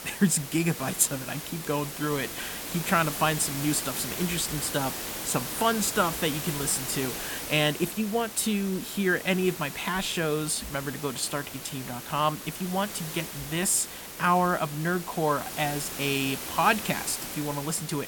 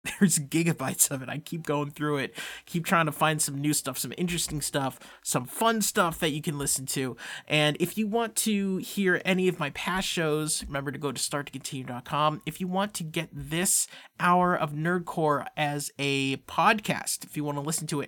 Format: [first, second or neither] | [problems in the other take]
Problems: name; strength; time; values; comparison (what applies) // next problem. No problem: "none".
second | hiss; loud; throughout; 7 dB below the speech